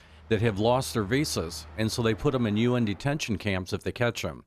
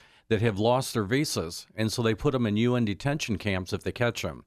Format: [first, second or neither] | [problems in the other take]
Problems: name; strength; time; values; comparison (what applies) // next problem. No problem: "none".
second | train or aircraft noise; faint; until 3 s; 20 dB below the speech